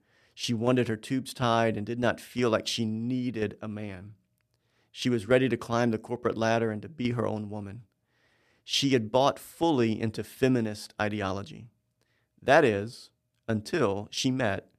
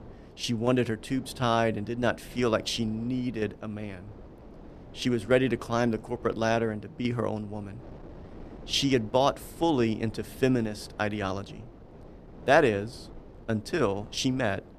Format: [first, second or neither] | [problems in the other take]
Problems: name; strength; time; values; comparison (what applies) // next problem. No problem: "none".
first | wind noise on the microphone; occasional gusts; 25 dB below the speech